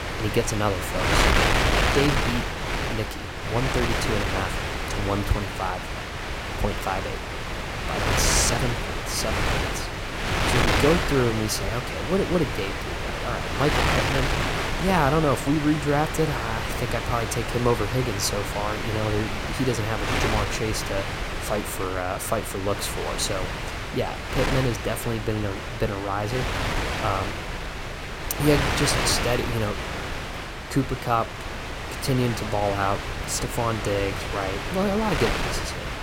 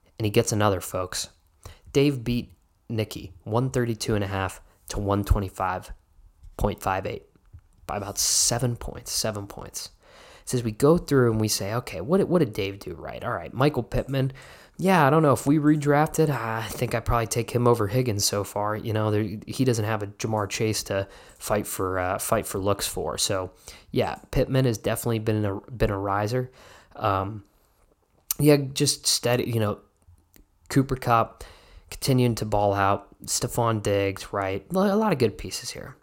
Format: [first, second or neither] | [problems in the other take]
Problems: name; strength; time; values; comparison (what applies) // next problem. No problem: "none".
second | wind noise on the microphone; heavy; 1 dB above the speech